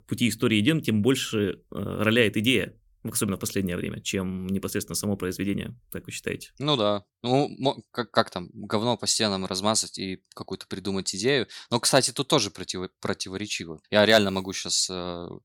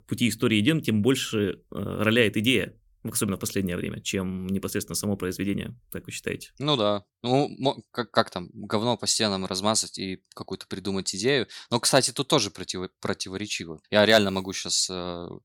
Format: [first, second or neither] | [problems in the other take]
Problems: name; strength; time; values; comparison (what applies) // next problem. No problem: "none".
neither | none